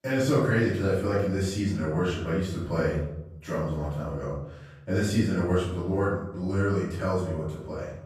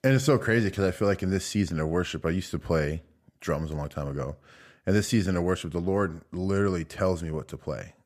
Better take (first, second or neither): second